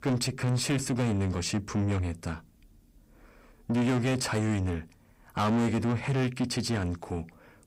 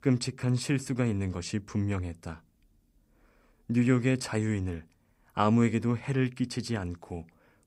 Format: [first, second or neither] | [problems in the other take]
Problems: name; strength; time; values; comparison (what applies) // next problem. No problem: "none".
second | distortion; heavy; 7 dB below the speech